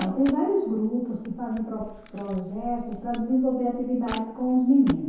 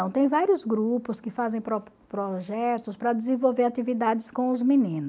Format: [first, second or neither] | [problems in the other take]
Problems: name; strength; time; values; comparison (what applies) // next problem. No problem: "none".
second | background sound (Camera); 17 dB below the speech // room echo; dies away in 0.8 s